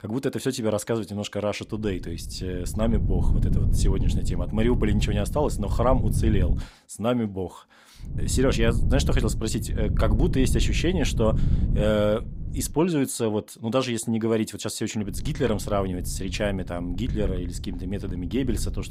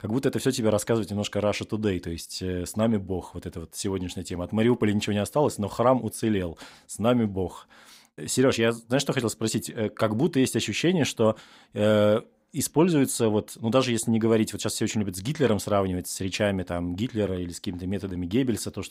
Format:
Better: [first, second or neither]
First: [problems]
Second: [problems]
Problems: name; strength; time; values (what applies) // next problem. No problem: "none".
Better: second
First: wind noise on the microphone; occasional gusts; from 1.5 to 6.5 s, from 8 to 13 s and from 15 s on; 10 dB below the speech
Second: none